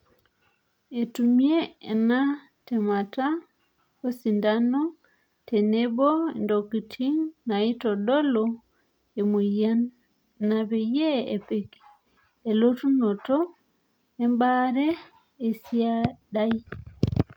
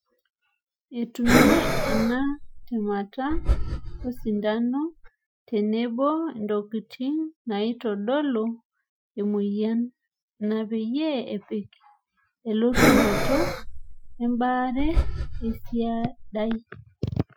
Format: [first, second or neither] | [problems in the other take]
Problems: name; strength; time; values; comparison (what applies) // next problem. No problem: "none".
first | noise reduction (classical method Wiener filter)